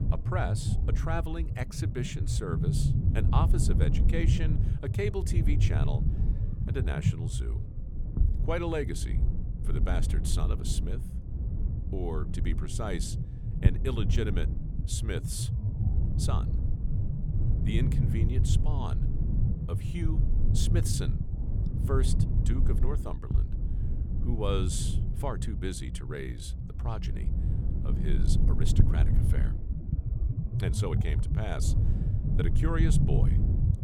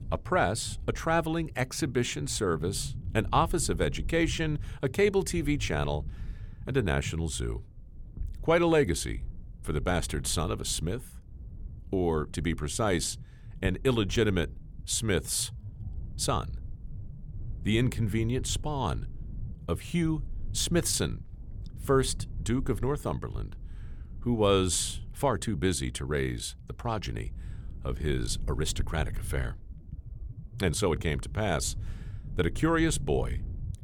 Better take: second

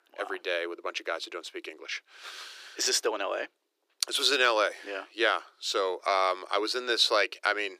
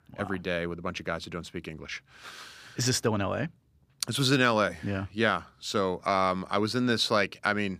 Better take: second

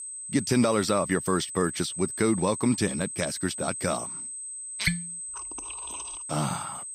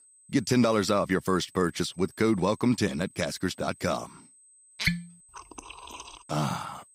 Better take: second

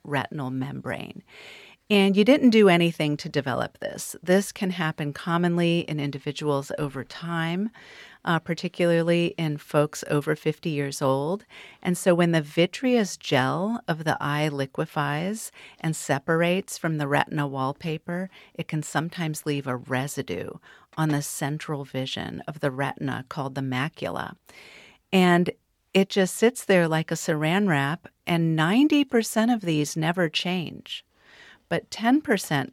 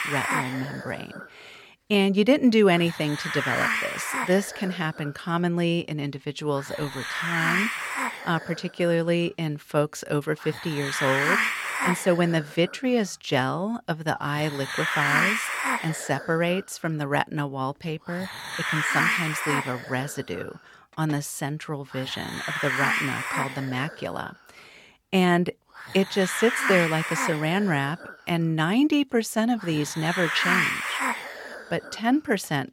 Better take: first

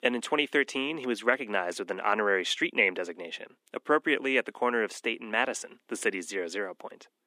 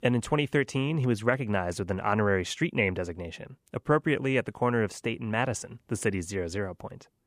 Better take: second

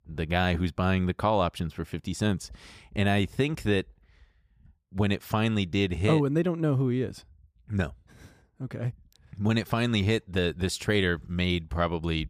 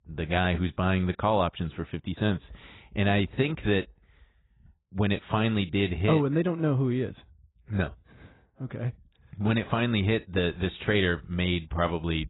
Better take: first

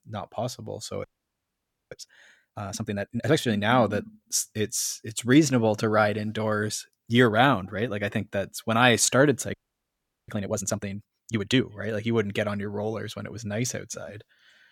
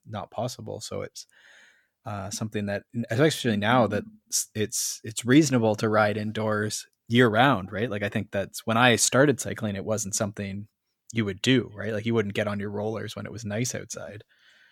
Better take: second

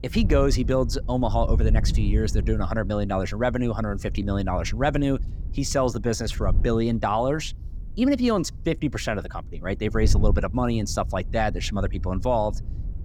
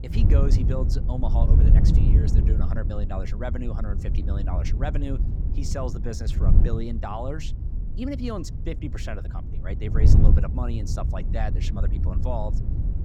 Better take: first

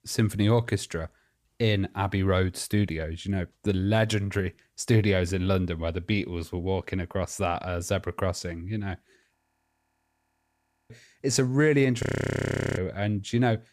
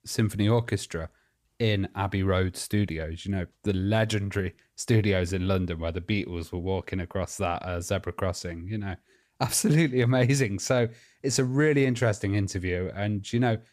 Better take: second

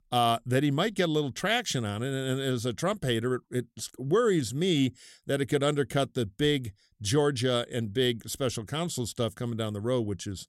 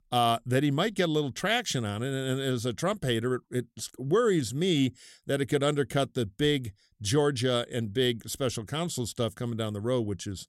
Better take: neither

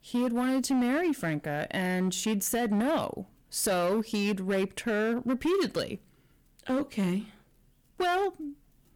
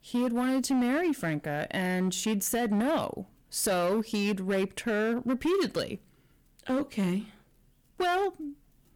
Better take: neither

